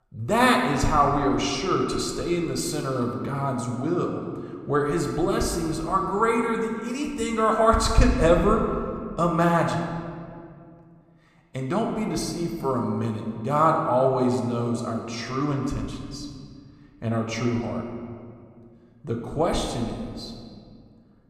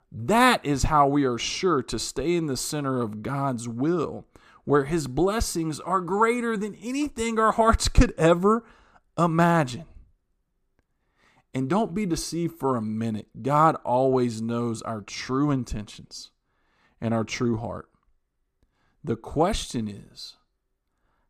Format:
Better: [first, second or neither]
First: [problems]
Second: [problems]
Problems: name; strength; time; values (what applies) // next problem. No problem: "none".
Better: second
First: room echo; noticeable; dies away in 1.6 s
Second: none